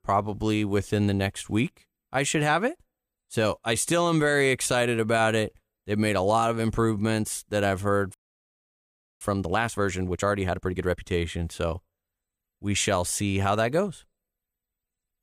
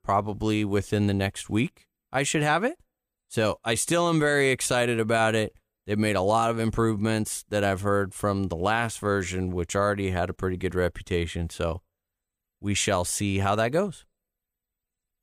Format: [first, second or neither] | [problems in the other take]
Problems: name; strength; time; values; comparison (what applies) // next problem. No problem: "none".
second | audio freezing; at 8 s for 1 s